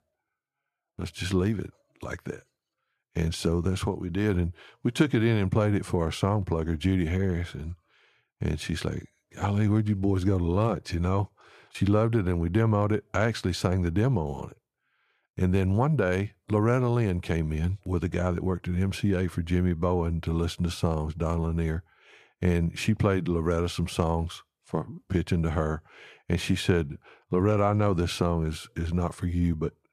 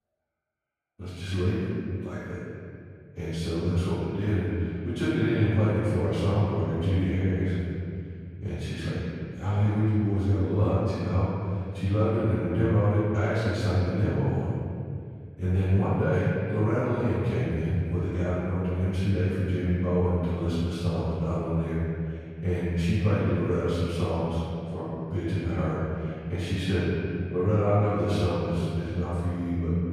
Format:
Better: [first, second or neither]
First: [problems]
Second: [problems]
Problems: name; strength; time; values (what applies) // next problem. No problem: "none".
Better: first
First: none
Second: room echo; strong; dies away in 2.5 s // off-mic speech; far